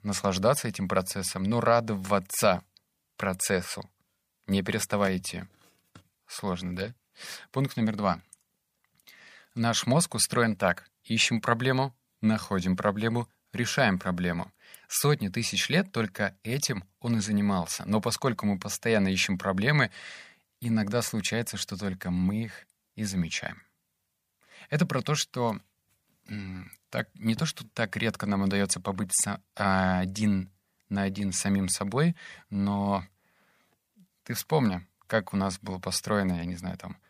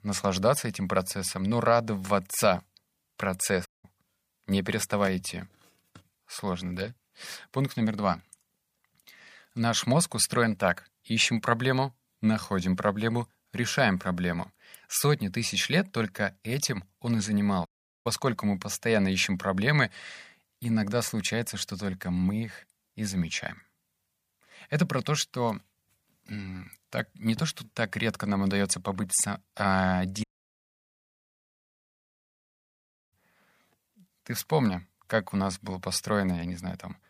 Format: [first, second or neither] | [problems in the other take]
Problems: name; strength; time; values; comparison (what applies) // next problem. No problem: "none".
first | audio cutting out; at 3.5 s, at 18 s and at 30 s for 3 s